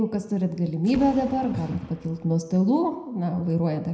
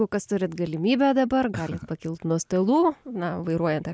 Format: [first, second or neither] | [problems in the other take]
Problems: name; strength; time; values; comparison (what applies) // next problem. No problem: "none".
second | background sound (Boom); 19 dB below the speech // room echo; dies away in 0.8 s